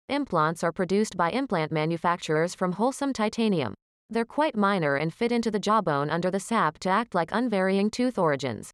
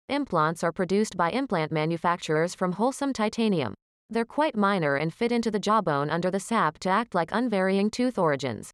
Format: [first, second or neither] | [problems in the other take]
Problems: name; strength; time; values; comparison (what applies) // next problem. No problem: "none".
neither | none